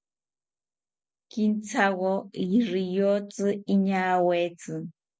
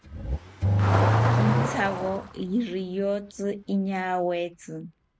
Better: first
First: none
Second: background sound (Accelerating, revving, vroom / Car); 3 dB above the speech

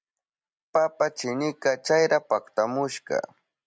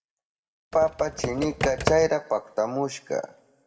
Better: first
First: none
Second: background sound (Computer keyboard); 4 dB below the speech // room echo; dies away in 0.7 s

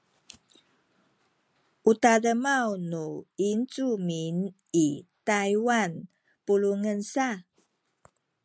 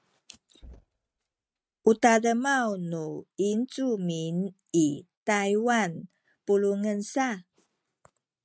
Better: first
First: none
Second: noise reduction (neural mask model RNNoise)

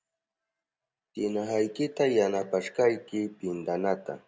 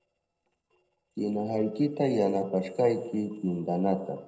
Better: first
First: none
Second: noise reduction (neural separator model SepFormer DNS4)

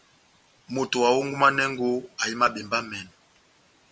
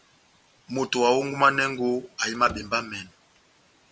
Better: first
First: none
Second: background sound (Slam / Wood); 18 dB below the speech

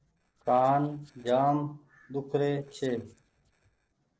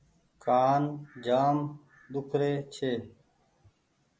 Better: second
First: noise reduction (neural separator model SepFormer DNS4)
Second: none

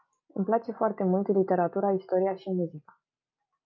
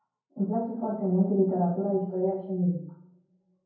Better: first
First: none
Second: room echo; dies away in 0.9 s

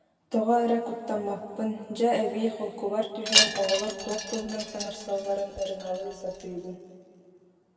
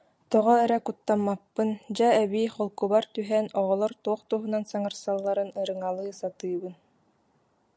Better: second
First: background sound (Wind chime); 1 dB below the speech // room echo; dies away in 2.4 s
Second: none

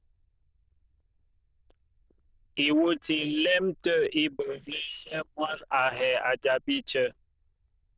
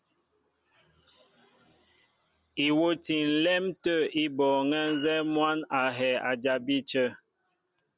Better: second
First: noise reduction (neural diffusion model UNIVERSE++)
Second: none

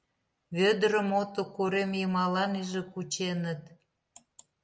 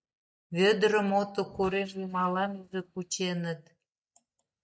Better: first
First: none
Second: noise reduction (neural mask model DeepFilterNet 3)

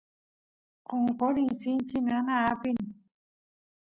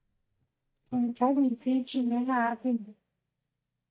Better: first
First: none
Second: noise reduction (neural mask model DeepFilterNet 3)

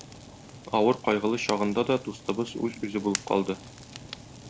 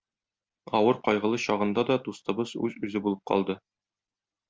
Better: second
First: background sound (Fire); 14 dB below the speech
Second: none

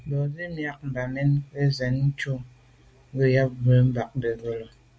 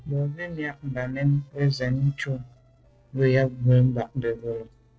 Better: first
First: none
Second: noise reduction (neural separator model SepFormer DNS4)

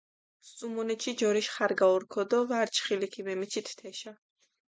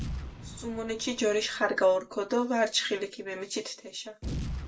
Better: first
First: none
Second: background sound (Boom); 11 dB below the speech // room echo; dies away in 0.2 s

